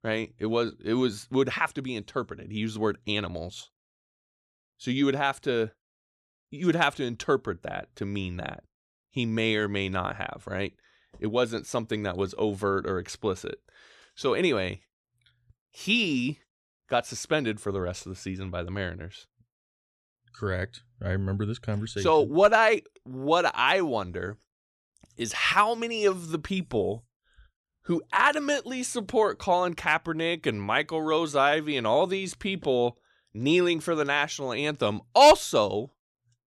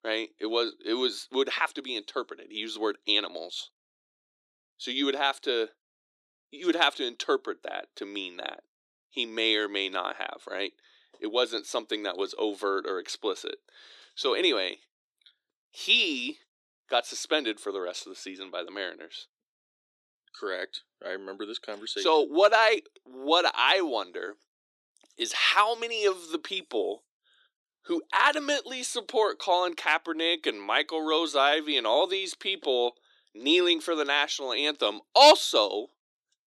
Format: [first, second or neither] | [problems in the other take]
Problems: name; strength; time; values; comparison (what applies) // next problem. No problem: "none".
first | thin; somewhat; fading below 300 Hz